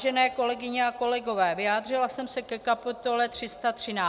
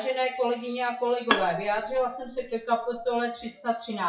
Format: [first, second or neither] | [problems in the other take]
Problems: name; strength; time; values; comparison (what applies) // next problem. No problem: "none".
first | noise reduction (classical method WPE with log-MMSE)